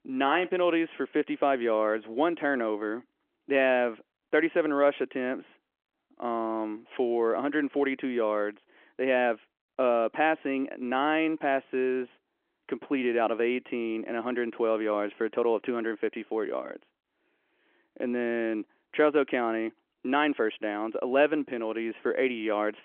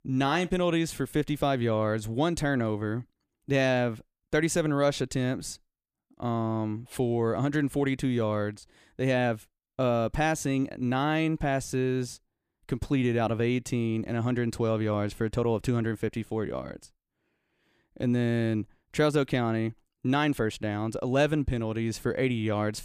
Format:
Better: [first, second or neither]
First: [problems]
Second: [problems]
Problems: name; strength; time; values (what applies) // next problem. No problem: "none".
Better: second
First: phone-call audio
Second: none